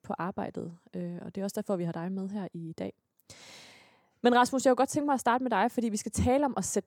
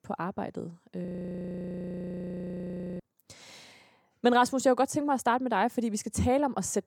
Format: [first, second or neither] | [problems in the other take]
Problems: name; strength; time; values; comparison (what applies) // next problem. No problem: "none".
first | audio freezing; at 1 s for 2 s